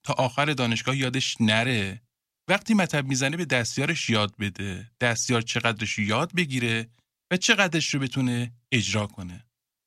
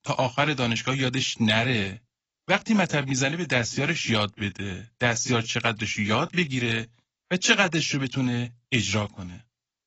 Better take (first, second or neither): first